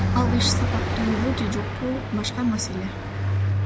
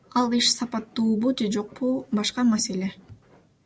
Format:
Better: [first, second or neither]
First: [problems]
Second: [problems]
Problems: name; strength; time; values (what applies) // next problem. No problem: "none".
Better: second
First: background sound (Car passing by); 3 dB above the speech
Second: none